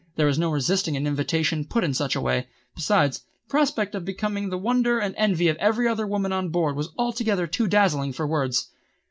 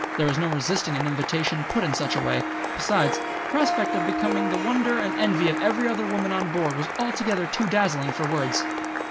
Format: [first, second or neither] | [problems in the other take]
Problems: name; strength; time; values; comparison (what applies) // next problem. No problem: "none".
first | background sound (Applause + Harp); 2 dB below the speech